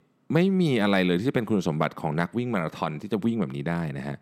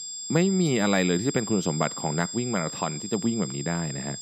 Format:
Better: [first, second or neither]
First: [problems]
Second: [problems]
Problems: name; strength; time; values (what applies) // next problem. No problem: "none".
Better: first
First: none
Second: high-pitched whine; loud; throughout; 7.5 kHz, 7 dB below the speech